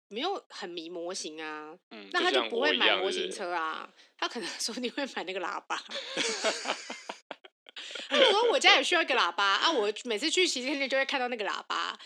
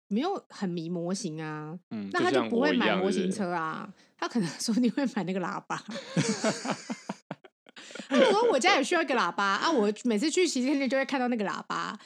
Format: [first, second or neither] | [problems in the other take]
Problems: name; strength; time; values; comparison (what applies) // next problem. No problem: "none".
second | thin; somewhat; fading below 350 Hz